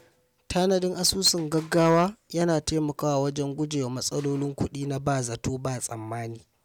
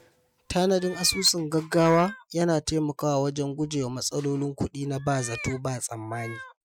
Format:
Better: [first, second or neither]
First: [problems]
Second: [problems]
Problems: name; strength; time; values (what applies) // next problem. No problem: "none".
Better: first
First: none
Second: noise reduction (classical method Wiener filter)